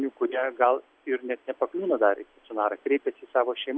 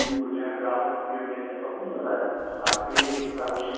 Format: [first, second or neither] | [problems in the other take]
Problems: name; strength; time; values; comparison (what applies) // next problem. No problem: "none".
first | background sound (Cat); 4 dB below the speech // room echo; dies away in 2.1 s